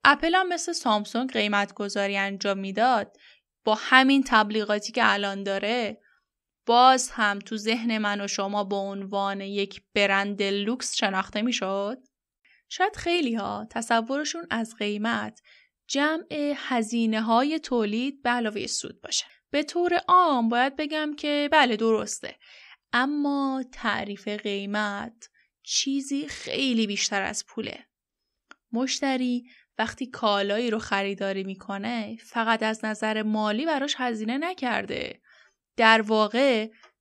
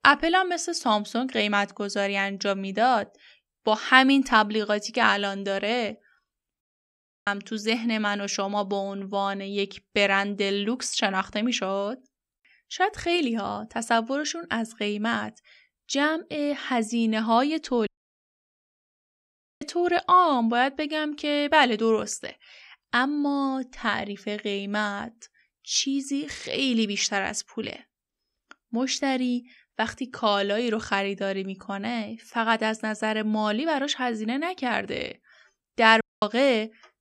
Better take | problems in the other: first | audio cutting out; at 6.5 s for 0.5 s, at 18 s for 1.5 s and at 36 s

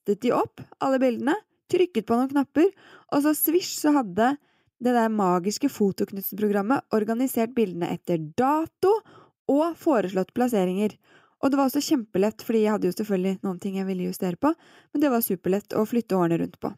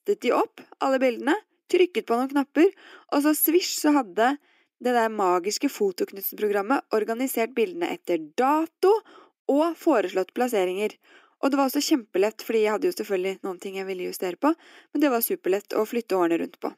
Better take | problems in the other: first | thin; very slightly; fading below 300 Hz

